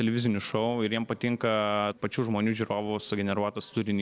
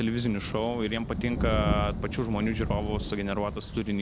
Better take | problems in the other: first | background sound (Thunder + Chirp, tweet); 3 dB below the speech

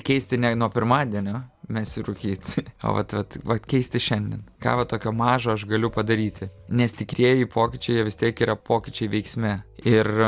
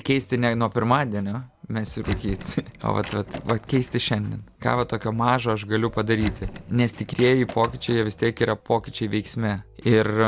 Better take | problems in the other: first | background sound (Door); 13 dB below the speech

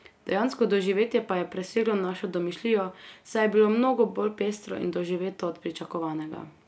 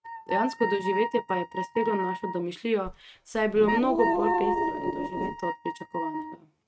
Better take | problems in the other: first | noise reduction (neural mask model RNNoise)

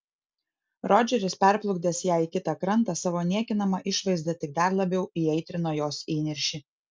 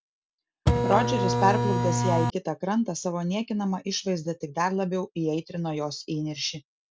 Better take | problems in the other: first | background sound (Printer); 4 dB above the speech

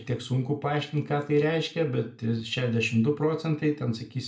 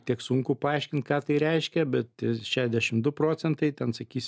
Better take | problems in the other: second | room echo; dies away in 0.3 s

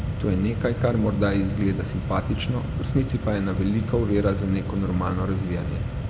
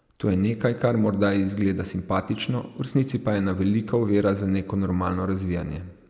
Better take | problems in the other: second | background sound (Mechanisms); 3 dB below the speech

